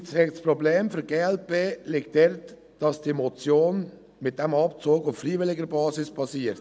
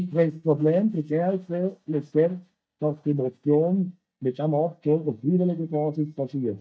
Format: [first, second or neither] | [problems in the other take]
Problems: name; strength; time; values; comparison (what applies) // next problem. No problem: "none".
first | noise reduction (neural mask model DeepFilterNet 3)